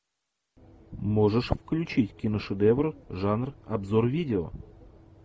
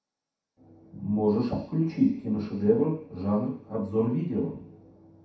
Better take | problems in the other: first | room echo; dies away in 0.7 s

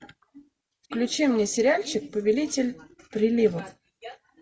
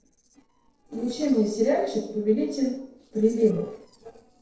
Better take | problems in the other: first | noise reduction (neural separator model SepFormer DNS4)

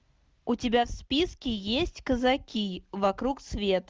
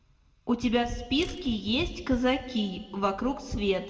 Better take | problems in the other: first | background sound (Slam); 19 dB below the speech // room echo; dies away in 1.1 s

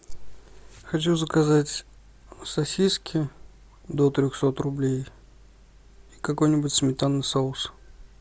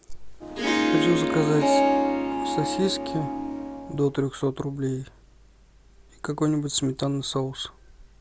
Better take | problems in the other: first | background sound (Harp); 3 dB above the speech

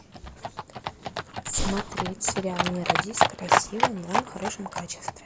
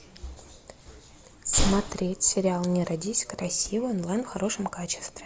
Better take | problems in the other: second | background sound (Livestock, farm animals, working animals); 4 dB above the speech

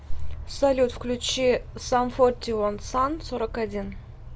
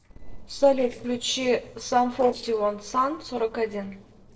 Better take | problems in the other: first | noise reduction (neural separator model SepFormer DNS4)

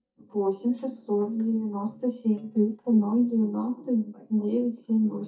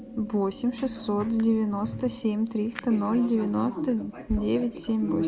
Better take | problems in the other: second | noise reduction (neural mask model DeepFilterNet 3)

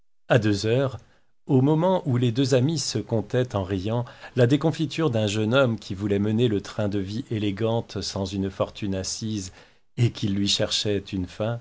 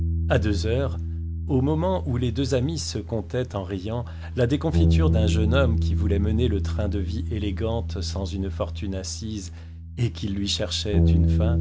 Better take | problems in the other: first | background sound (Bass guitar); 2 dB above the speech

